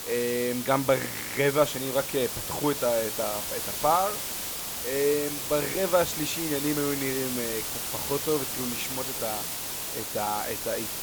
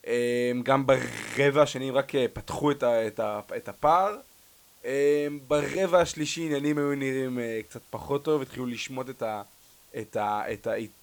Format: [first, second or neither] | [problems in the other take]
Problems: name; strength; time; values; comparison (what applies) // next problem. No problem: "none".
second | hiss; loud; throughout; 2 dB below the speech; faint in the second